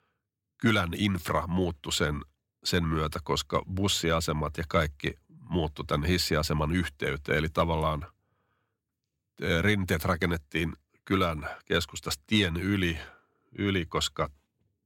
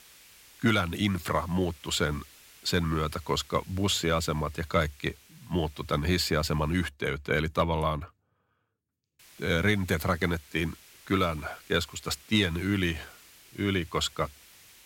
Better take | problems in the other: first | hiss; faint; until 7 s and from 9 s on; 25 dB below the speech

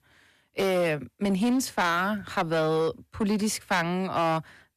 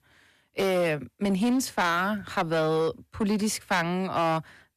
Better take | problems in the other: neither | distortion; slight; 11% of the sound clipped; the same in both

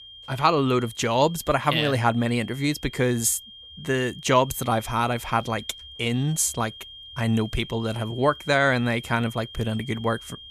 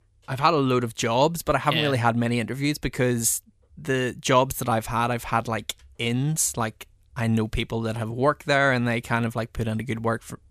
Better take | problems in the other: second | high-pitched whine; noticeable; throughout; 3 kHz, 15 dB below the speech

